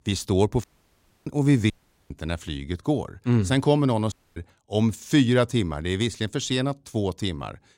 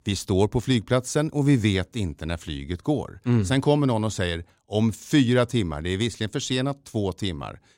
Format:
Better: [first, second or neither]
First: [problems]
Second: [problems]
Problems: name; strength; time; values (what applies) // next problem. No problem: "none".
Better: second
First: audio cutting out; at 0.5 s for 0.5 s, at 1.5 s and at 4 s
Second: none